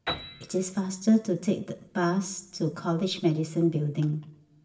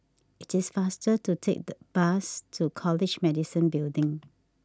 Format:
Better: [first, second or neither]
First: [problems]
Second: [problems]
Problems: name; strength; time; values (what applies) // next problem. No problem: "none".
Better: second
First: background sound (Piano); 17 dB below the speech // room echo; dies away in 0.6 s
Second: none